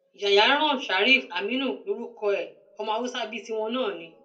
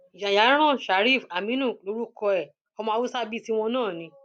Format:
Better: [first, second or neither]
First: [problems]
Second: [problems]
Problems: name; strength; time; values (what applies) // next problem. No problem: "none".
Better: second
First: room echo; dies away in 0.2 s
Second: none